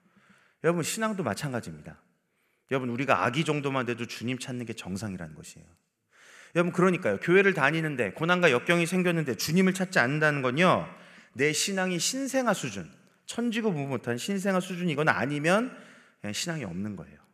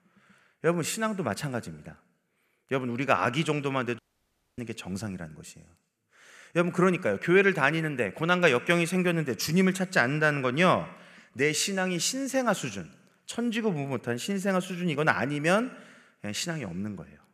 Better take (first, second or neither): first